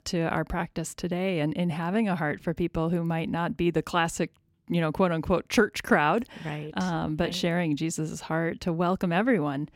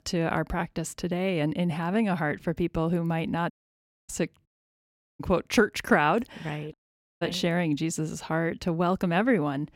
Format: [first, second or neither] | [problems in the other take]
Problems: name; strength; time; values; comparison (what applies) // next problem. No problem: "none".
first | audio cutting out; at 3.5 s for 0.5 s, at 4.5 s for 0.5 s and at 6.5 s